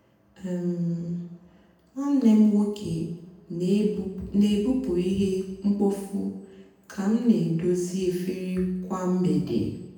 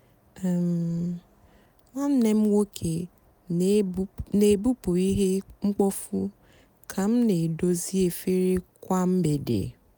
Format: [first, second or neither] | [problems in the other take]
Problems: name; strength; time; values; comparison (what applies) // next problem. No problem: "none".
second | room echo; dies away in 0.9 s